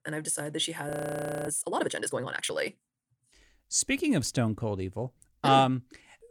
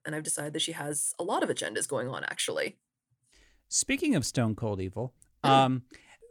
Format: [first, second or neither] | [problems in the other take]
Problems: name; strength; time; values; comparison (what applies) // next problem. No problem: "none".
second | audio freezing; at 1 s for 0.5 s